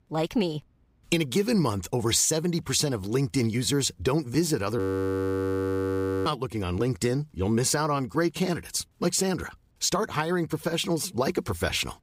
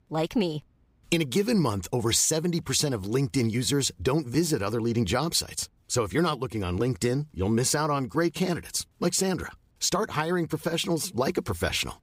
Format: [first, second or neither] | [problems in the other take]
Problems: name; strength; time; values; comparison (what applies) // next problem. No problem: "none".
second | audio freezing; at 5 s for 1.5 s